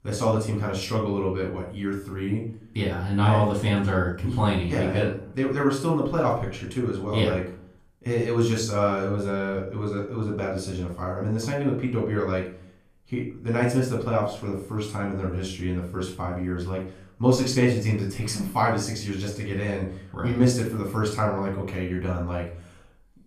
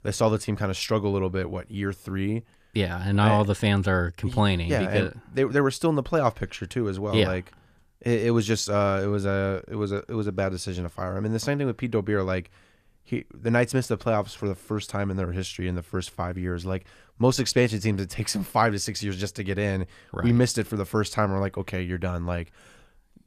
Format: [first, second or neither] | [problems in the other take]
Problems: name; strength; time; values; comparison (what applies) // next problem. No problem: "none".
second | off-mic speech; far // room echo; noticeable; dies away in 0.4 s